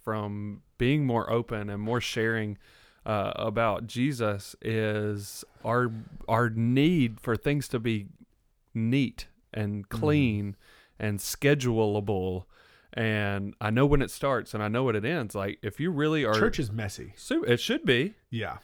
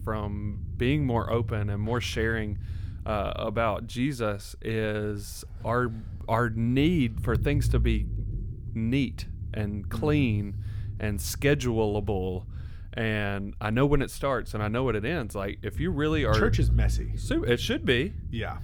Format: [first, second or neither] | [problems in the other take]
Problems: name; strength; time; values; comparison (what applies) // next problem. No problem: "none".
first | low rumble; noticeable; throughout; 20 dB below the speech